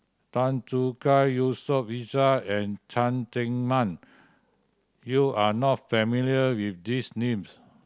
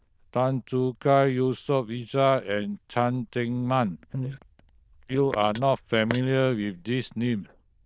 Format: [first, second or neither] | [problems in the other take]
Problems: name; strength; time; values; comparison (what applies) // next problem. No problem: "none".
first | noise reduction (neural diffusion model UNIVERSE++)